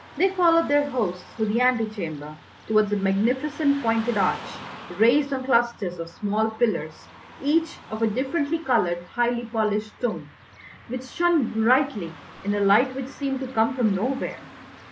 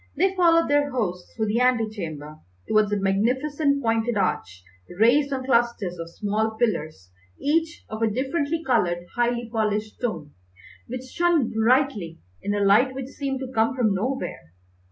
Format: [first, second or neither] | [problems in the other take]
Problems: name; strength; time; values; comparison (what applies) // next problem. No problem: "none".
second | background sound (Car passing by / Traffic noise, roadway noise); 19 dB below the speech